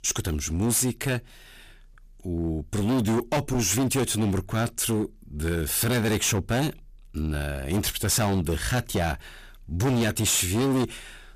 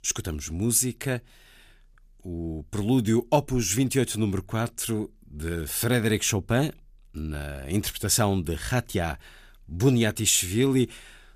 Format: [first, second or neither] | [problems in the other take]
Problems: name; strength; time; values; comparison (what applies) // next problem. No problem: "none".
second | distortion; heavy; 17% of the sound clipped